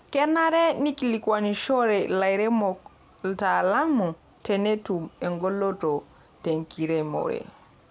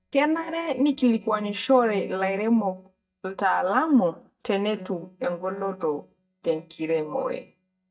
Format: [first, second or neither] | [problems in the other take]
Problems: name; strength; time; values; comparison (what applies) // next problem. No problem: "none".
first | noise reduction (neural mask model DeepFilterNet 3)